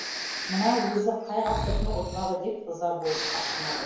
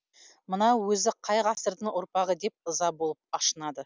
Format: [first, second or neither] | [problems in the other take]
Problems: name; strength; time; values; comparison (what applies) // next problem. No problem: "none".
second | background sound (Breathing); 3 dB below the speech // room echo; dies away in 1 s